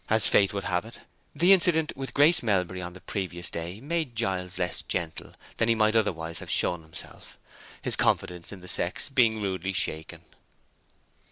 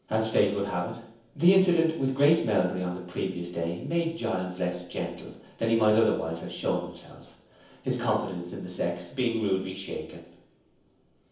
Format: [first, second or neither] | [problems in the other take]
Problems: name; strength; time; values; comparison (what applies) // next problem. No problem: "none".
first | room echo; dies away in 0.7 s